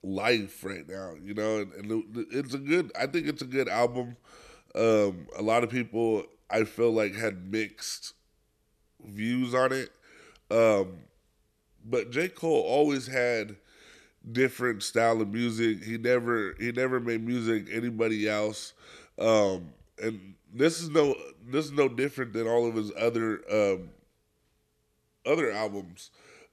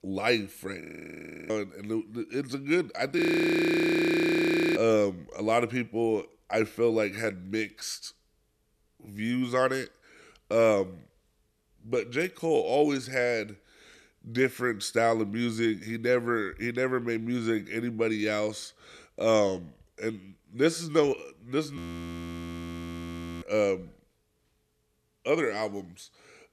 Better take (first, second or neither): first